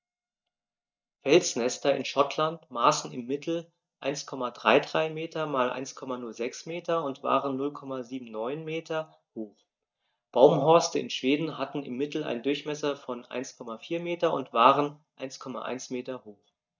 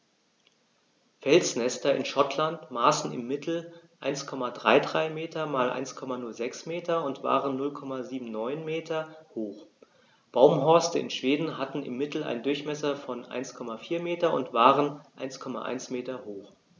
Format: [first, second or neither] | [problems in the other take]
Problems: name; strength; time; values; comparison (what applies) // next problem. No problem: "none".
second | noise reduction (neural mask model DeepFilterNet 3)